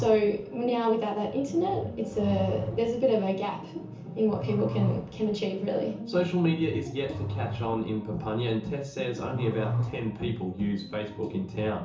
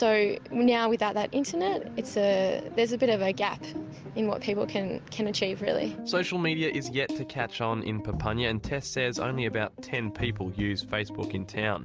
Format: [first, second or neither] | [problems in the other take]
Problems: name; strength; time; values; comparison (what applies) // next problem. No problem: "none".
second | background sound (Growling); 9 dB below the speech // room echo; dies away in 0.7 s